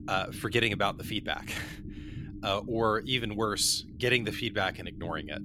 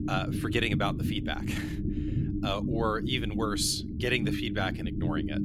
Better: first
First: low rumble; faint; throughout; 20 dB below the speech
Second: low rumble; loud; throughout; 8 dB below the speech

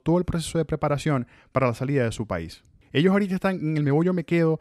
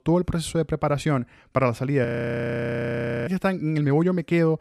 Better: first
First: none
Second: audio freezing; at 2 s for 1 s

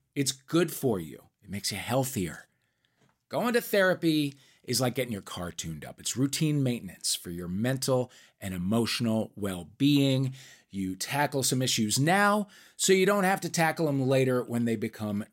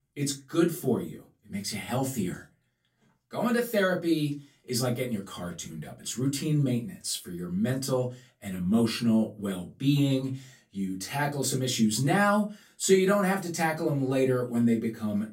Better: first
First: none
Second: off-mic speech; far // room echo; very slight; dies away in 0.2 s

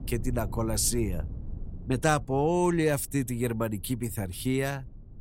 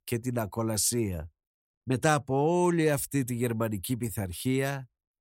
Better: second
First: low rumble; faint; throughout; 25 dB below the speech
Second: none

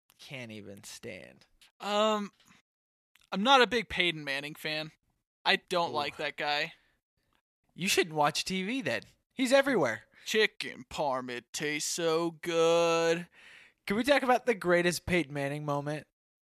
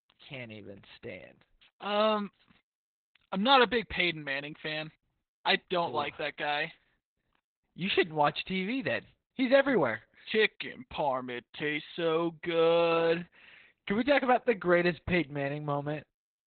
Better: first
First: none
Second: garbled, watery; badly; nothing above 4 kHz

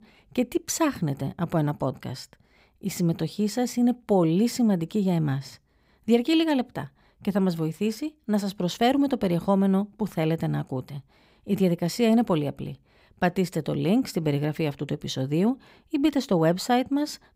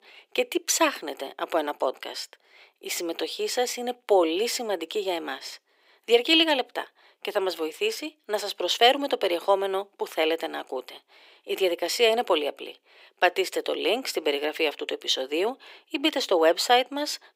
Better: first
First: none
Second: thin; very; fading below 350 Hz

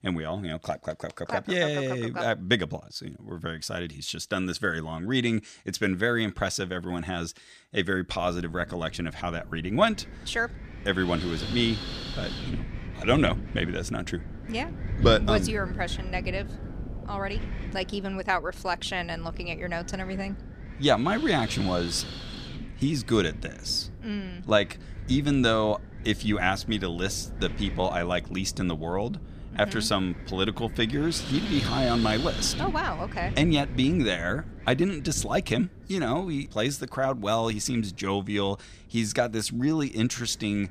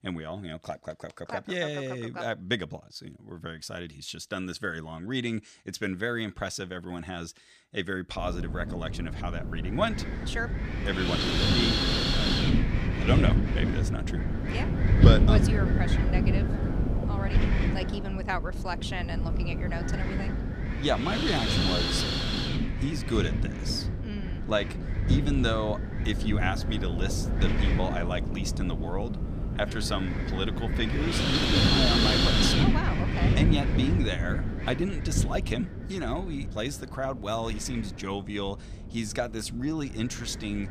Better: first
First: wind noise on the microphone; occasional gusts; from 8 s on; 10 dB below the speech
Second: wind noise on the microphone; heavy; from 8 s on; 2 dB above the speech

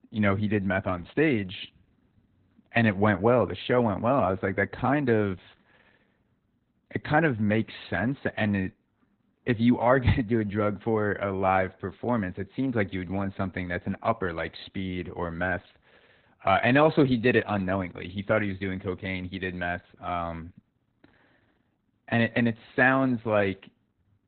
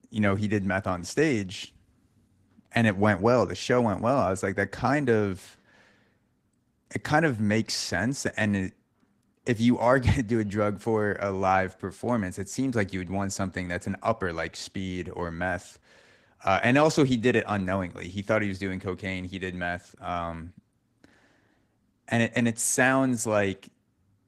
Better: second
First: garbled, watery; badly; nothing above 4 kHz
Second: garbled, watery; slightly; nothing above 15.5 kHz

